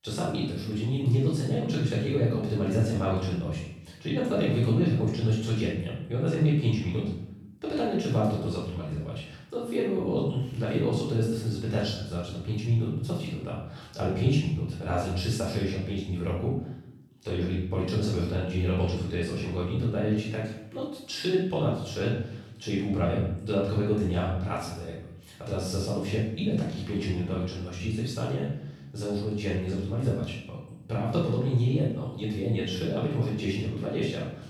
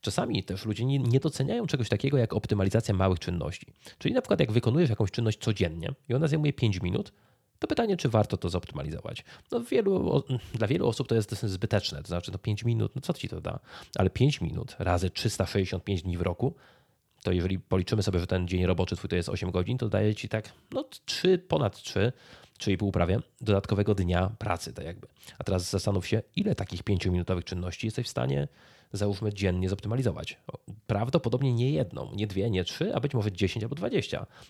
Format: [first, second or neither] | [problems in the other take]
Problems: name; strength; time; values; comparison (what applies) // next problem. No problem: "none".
second | off-mic speech; far // room echo; noticeable; dies away in 0.7 s